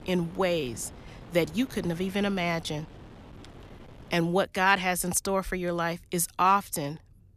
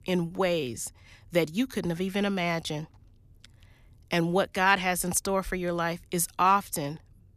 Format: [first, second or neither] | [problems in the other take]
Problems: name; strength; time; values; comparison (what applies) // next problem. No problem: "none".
second | wind noise on the microphone; occasional gusts; until 4.5 s; 25 dB below the speech